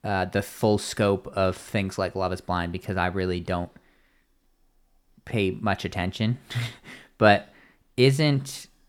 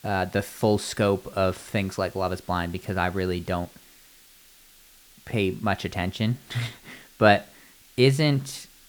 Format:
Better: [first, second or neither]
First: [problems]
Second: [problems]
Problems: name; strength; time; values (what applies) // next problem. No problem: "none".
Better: first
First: none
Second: hiss; faint; throughout; 25 dB below the speech